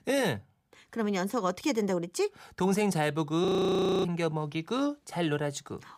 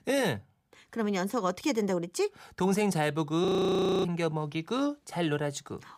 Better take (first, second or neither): neither